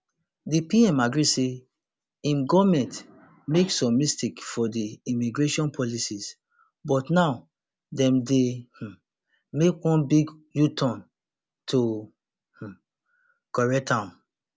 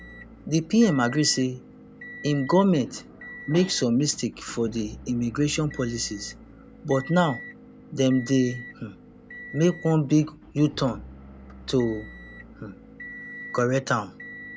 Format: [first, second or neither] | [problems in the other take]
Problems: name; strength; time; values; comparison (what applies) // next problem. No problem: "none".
first | background sound (Motor vehicle (road) / Engine); 17 dB below the speech